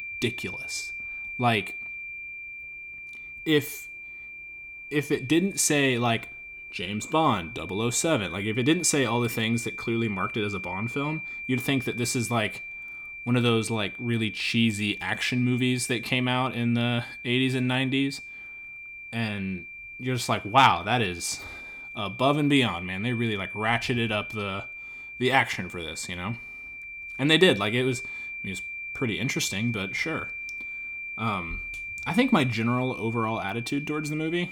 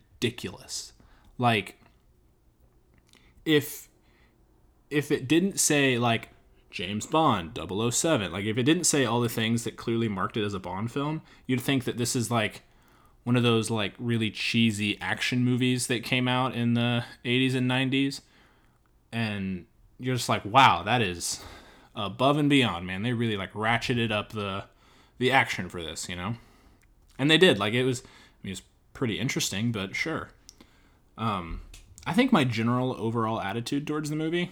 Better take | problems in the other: second | high-pitched whine; loud; throughout; 2.5 kHz, 10 dB below the speech

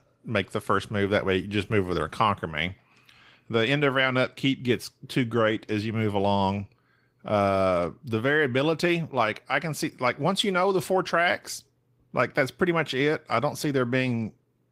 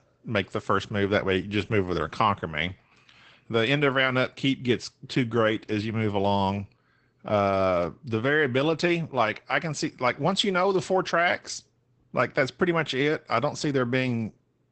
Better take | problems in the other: first | garbled, watery; badly; nothing above 8 kHz; slightly in the first

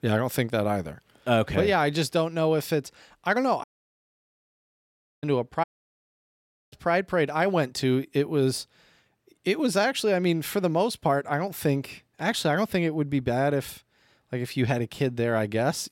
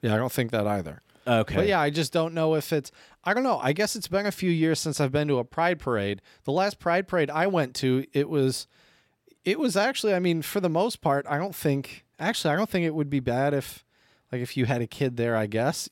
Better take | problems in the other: second | audio cutting out; at 3.5 s for 1.5 s and at 5.5 s for 1 s

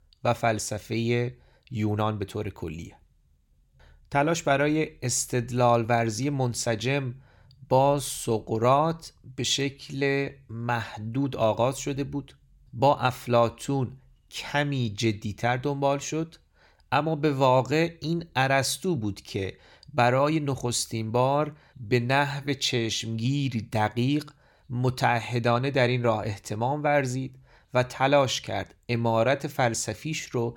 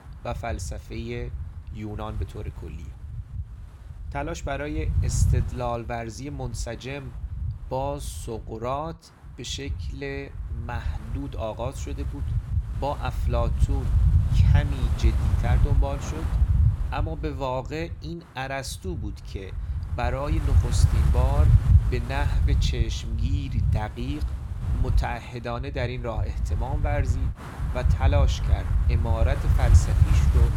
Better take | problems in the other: first | wind noise on the microphone; heavy; 6 dB below the speech

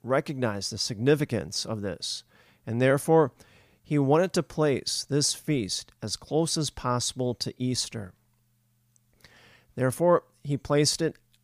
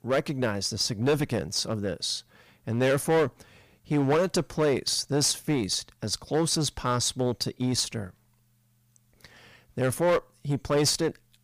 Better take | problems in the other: first | distortion; heavy; 7% of the sound clipped

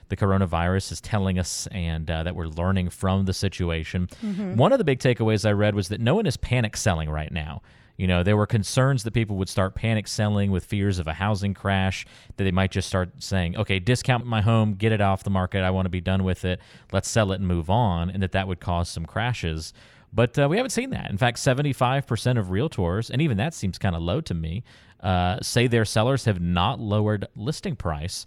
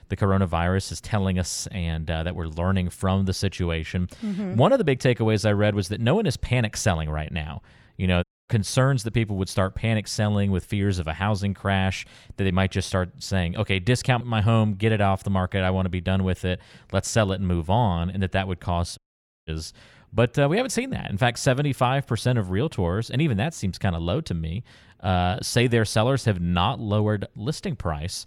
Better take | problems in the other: first | audio cutting out; at 8 s and at 19 s

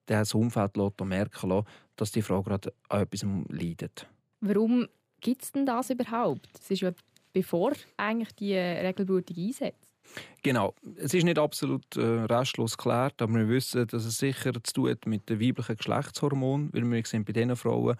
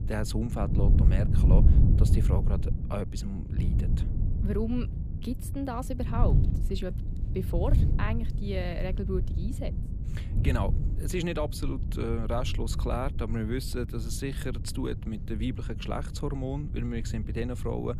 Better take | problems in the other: first | wind noise on the microphone; heavy; 7 dB below the speech

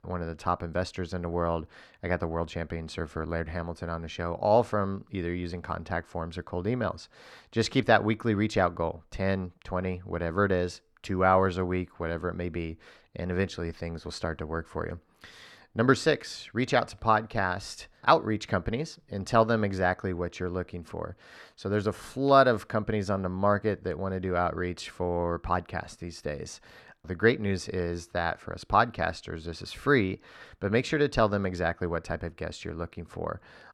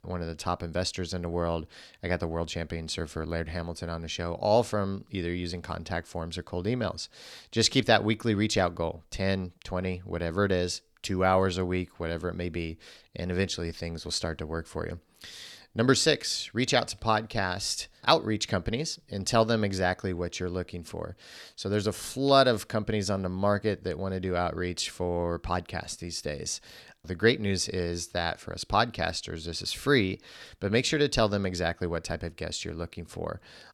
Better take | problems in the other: second | muffled; slightly; fading above 3 kHz

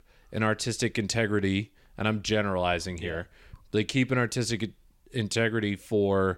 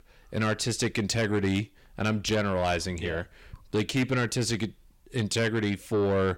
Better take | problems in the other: first | distortion; slight; 10 dB below the speech

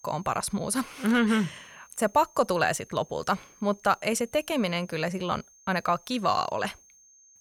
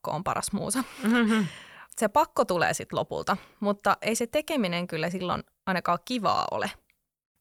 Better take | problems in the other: second | high-pitched whine; faint; throughout; 6.5 kHz, 25 dB below the speech

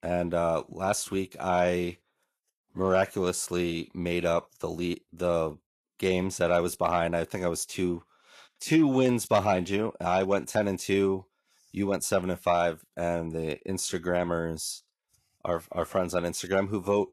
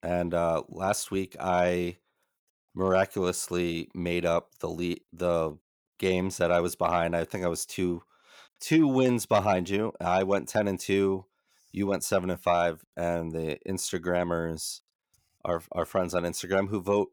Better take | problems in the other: second | garbled, watery; slightly; nothing above 12.5 kHz

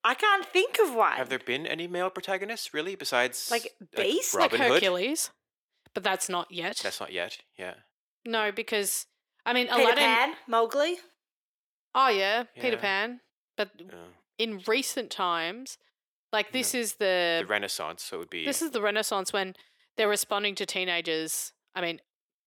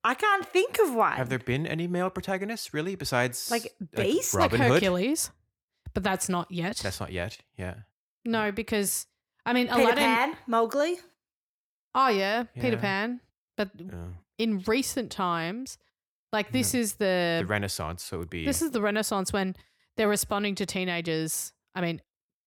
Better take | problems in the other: second | thin; somewhat; fading below 400 Hz

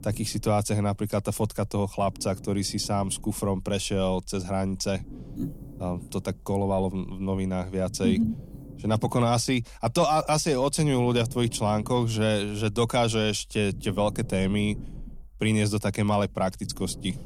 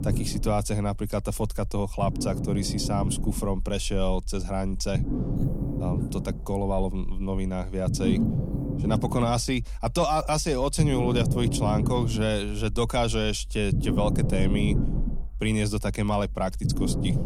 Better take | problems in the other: first | low rumble; loud; throughout; 8 dB below the speech; faint in the first

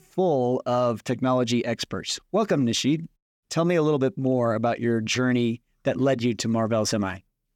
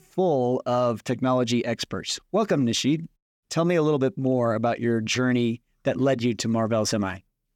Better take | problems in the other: neither | none

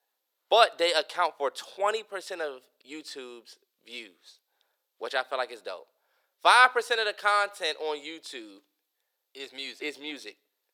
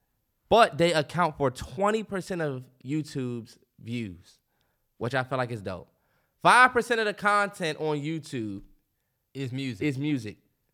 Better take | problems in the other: second | thin; very; fading below 450 Hz

